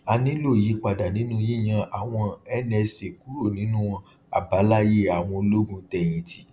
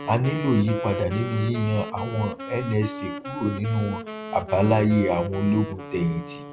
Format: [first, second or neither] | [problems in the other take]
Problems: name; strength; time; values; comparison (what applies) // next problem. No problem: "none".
first | background sound (Wind instrument, woodwind instrument); 9 dB below the speech